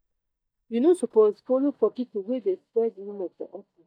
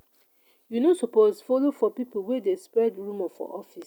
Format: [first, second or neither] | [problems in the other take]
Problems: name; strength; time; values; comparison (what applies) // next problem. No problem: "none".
second | noise reduction (neural mask model DeepFilterNet 3)